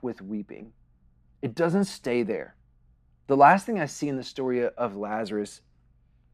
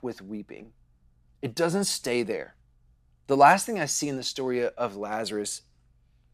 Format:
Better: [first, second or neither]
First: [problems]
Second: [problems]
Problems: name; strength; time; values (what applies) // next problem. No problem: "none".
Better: second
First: muffled; slightly; fading above 3.5 kHz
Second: none